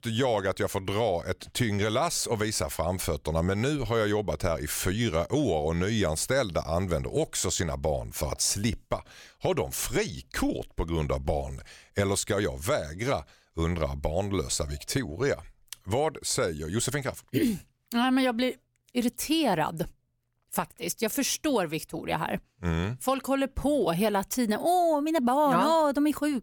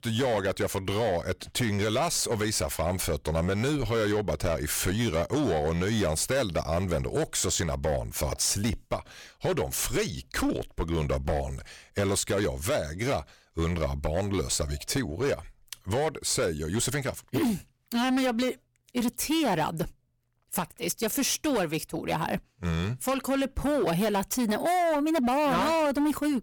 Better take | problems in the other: first | distortion; slight; 14% of the sound clipped

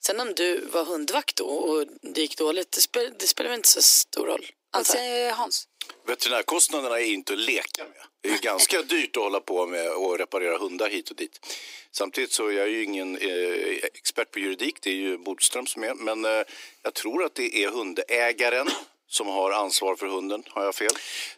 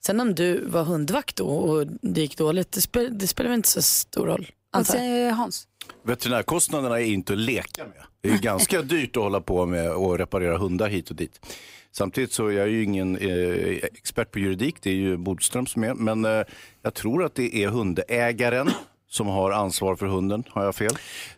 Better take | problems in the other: second | thin; somewhat; fading below 300 Hz

